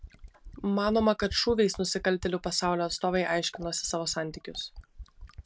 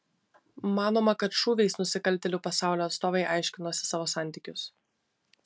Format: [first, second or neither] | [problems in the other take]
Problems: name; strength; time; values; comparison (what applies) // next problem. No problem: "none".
second | background sound (Fill (with liquid)); 17 dB below the speech